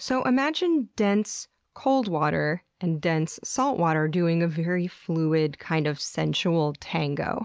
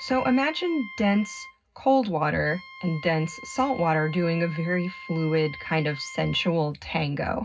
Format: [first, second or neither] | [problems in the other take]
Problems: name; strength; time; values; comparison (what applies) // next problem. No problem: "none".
first | background sound (Wind instrument, woodwind instrument); 17 dB below the speech // room echo; dies away in 0.4 s